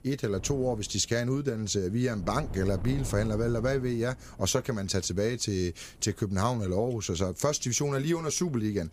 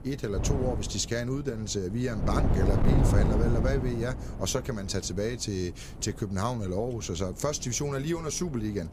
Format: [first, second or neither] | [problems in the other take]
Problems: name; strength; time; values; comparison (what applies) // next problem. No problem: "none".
first | wind noise on the microphone; heavy; 4 dB below the speech; occasional gusts in the first